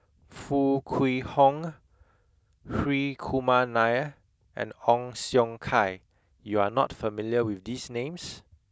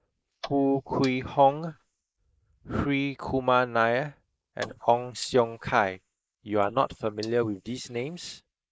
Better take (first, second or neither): first